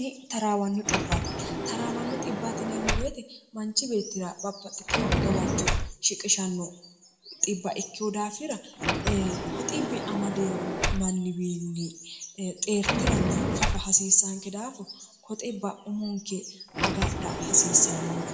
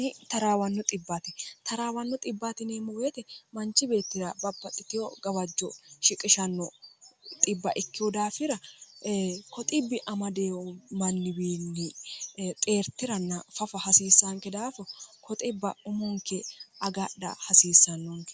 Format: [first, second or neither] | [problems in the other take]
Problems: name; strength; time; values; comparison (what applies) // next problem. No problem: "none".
second | background sound (Sliding door); 2 dB below the speech // room echo; dies away in 0.6 s